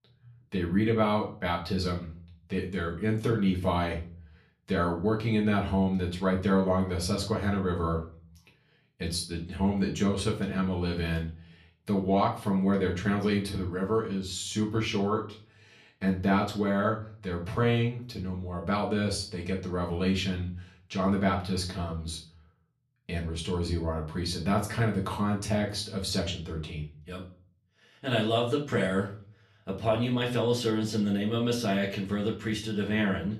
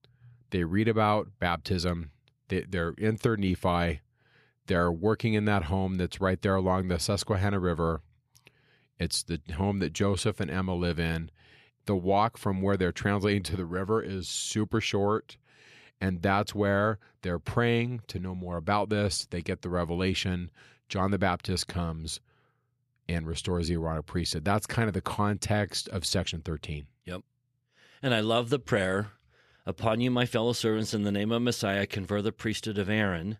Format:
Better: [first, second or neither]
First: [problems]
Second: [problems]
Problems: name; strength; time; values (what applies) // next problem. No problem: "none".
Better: second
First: off-mic speech; far // room echo; slight; dies away in 0.4 s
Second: none